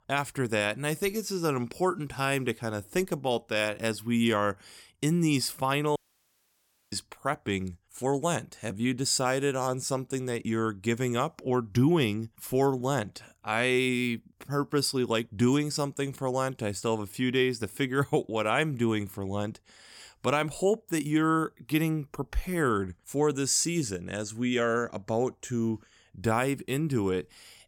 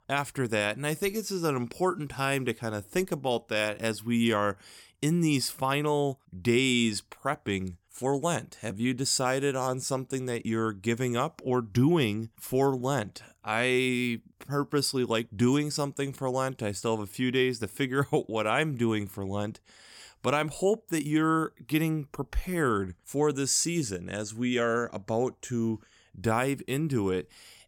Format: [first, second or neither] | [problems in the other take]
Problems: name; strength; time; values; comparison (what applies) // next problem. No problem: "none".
second | audio cutting out; at 6 s for 1 s